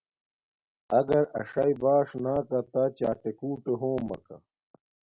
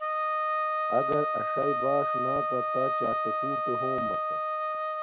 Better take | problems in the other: first | background sound (Wind instrument, woodwind instrument); 4 dB above the speech

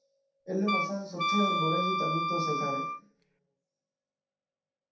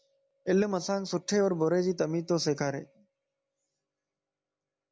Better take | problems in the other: second | background sound (Wind instrument, woodwind instrument); 4 dB above the speech // room echo; dies away in 0.7 s

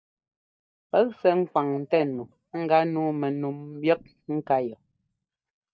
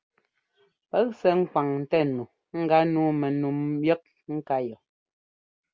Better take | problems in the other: second | noise reduction (neural mask model DeepFilterNet 3)

